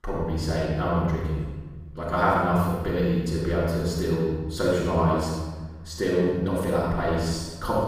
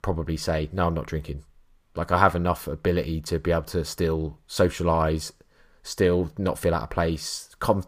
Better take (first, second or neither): second